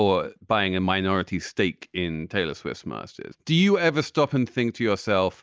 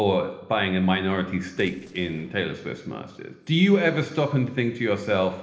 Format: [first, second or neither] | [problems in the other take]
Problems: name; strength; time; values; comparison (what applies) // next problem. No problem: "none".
first | noise reduction (neural separator model SepFormer DNS4)